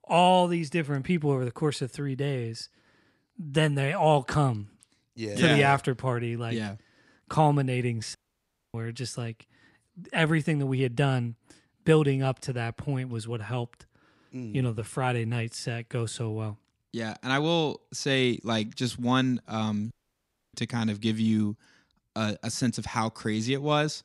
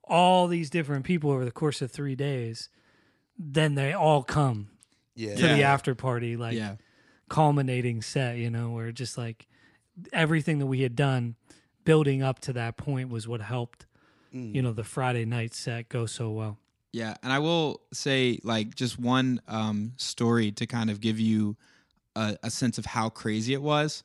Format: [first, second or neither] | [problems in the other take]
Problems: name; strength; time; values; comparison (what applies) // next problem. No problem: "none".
second | audio cutting out; at 8 s for 0.5 s and at 20 s for 0.5 s